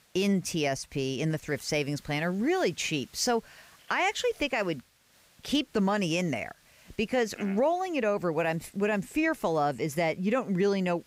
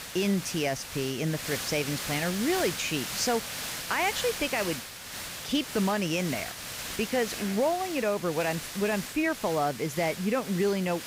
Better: first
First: hiss; faint; throughout; 30 dB below the speech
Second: hiss; loud; throughout; 6 dB below the speech

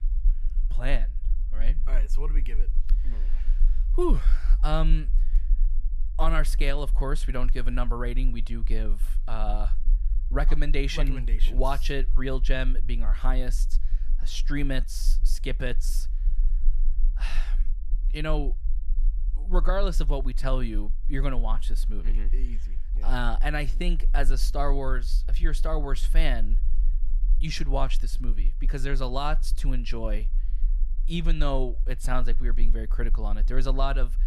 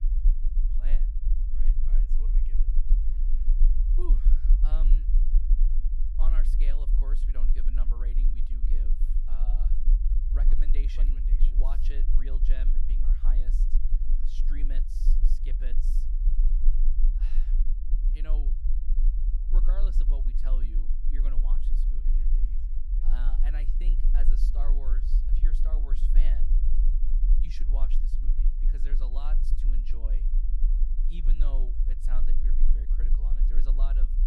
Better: first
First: low rumble; faint; throughout; 25 dB below the speech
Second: low rumble; loud; throughout; 4 dB below the speech

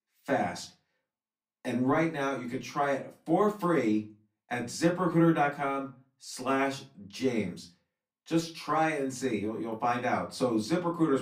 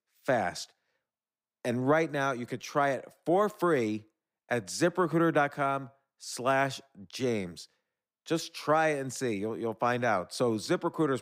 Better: second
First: off-mic speech; far // room echo; very slight; dies away in 0.3 s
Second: none

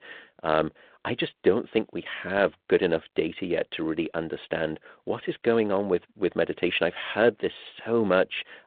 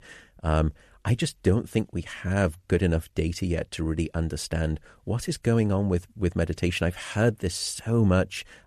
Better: second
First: phone-call audio; nothing above 3.5 kHz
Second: none

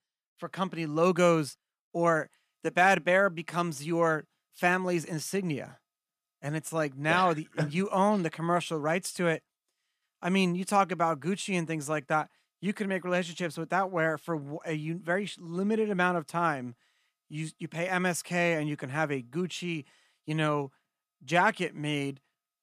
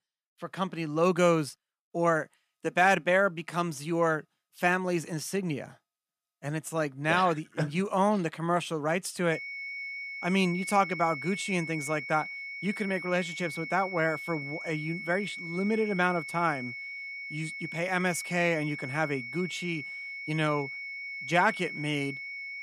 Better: first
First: none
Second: high-pitched whine; loud; from 9.5 s on; 2 kHz, 8 dB below the speech

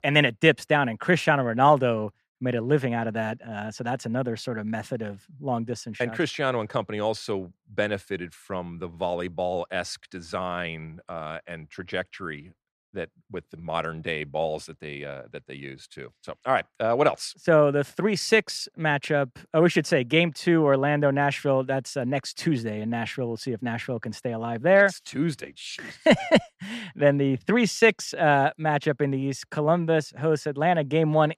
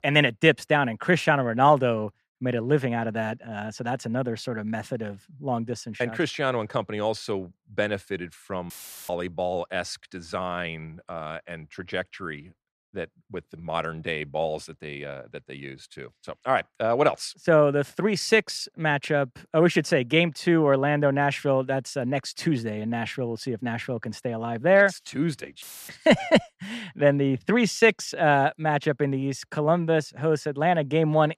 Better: first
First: none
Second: audio cutting out; filled with static; at 8.5 s and at 26 s

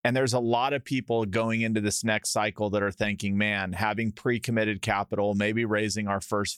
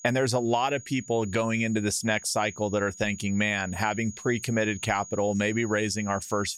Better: first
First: none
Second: high-pitched whine; noticeable; throughout; 6.5 kHz, 15 dB below the speech

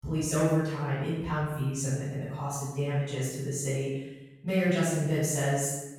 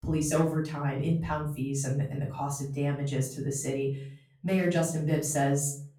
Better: second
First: room echo; strong; dies away in 0.9 s // off-mic speech; far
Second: room echo; slight; dies away in 0.4 s // off-mic speech; far

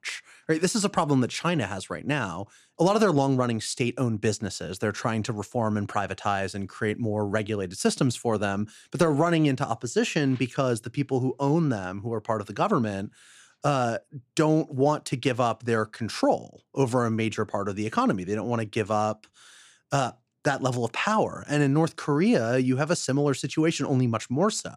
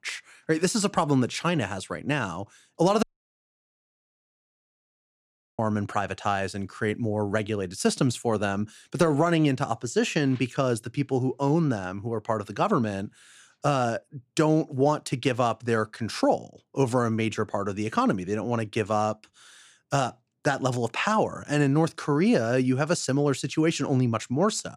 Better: first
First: none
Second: audio cutting out; at 3 s for 2.5 s

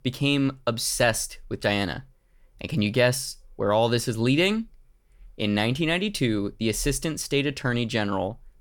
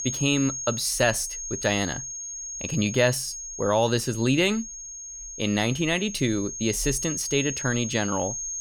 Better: first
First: none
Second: high-pitched whine; loud; throughout; 6.5 kHz, 7 dB below the speech

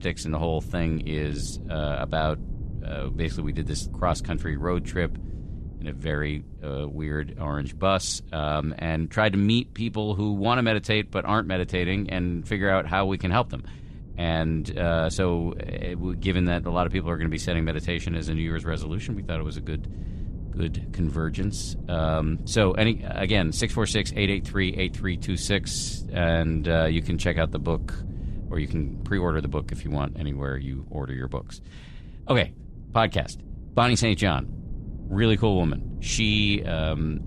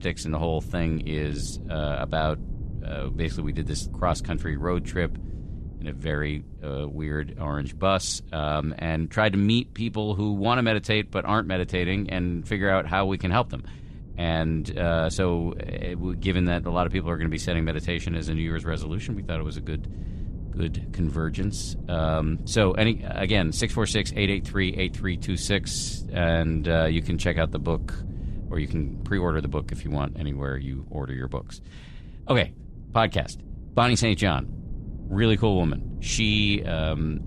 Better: neither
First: wind noise on the microphone; occasional gusts; 20 dB below the speech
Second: wind noise on the microphone; occasional gusts; 20 dB below the speech

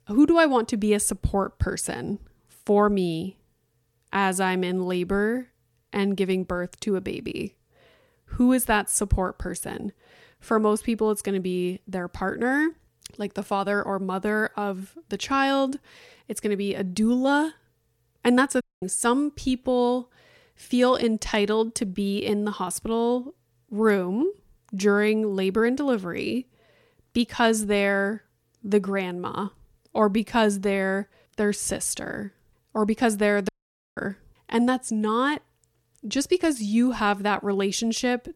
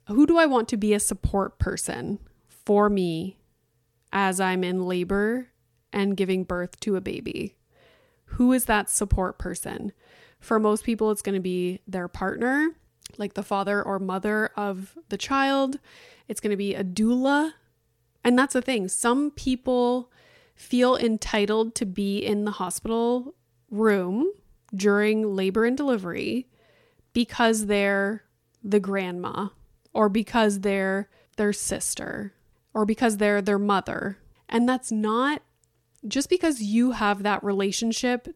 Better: second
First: audio cutting out; at 19 s and at 33 s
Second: none

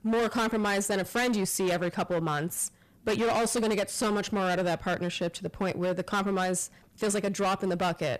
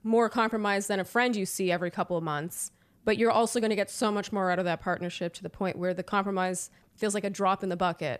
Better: second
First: distortion; heavy; 19% of the sound clipped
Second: none

